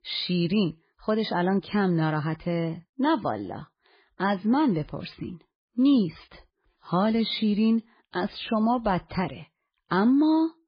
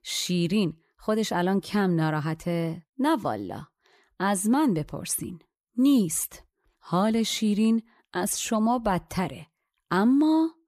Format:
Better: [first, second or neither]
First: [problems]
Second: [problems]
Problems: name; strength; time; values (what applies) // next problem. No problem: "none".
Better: second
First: garbled, watery; badly; nothing above 4.5 kHz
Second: none